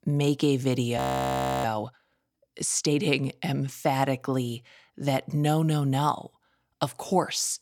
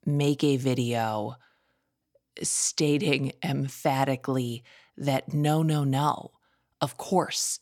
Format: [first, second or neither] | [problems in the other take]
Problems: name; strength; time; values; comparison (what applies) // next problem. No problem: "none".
second | audio freezing; at 1 s for 0.5 s